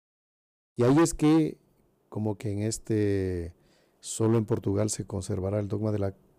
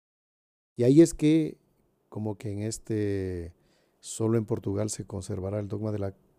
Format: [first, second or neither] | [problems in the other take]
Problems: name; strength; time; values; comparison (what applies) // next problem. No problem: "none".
second | distortion; heavy; 4% of the sound clipped